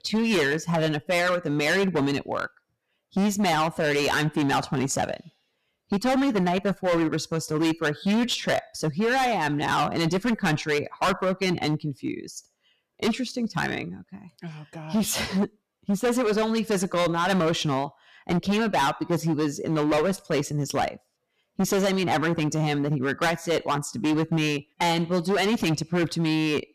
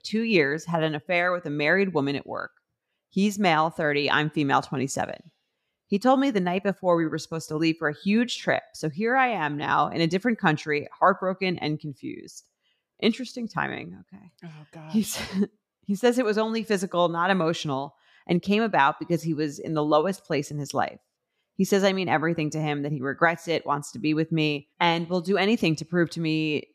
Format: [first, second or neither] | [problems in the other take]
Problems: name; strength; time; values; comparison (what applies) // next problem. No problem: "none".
second | distortion; heavy; 17% of the sound clipped